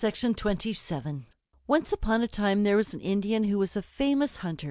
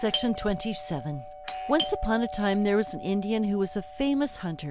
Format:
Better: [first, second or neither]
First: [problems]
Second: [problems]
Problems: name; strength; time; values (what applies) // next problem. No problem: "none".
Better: first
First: none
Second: background sound (Doorbell); 9 dB below the speech